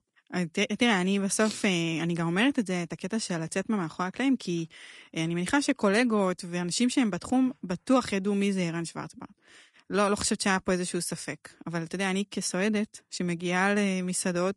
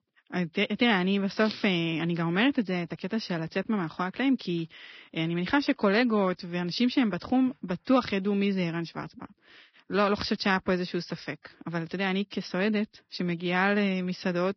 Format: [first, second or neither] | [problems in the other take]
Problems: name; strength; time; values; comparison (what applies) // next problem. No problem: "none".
first | garbled, watery; badly; nothing above 5.5 kHz; slightly in the first